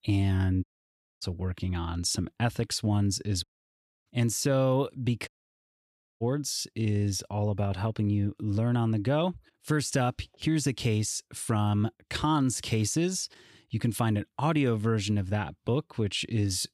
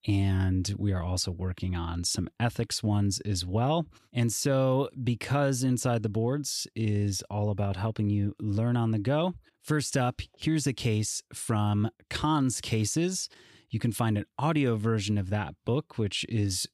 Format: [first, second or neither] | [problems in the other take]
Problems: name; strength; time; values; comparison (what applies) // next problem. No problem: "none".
second | audio cutting out; at 0.5 s for 0.5 s, at 3.5 s for 0.5 s and at 5.5 s for 1 s